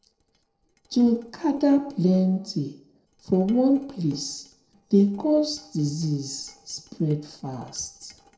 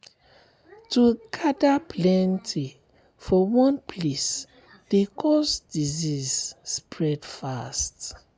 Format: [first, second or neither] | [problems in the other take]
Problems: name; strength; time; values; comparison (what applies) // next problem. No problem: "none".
second | noise reduction (neural separator model SepFormer DNS4)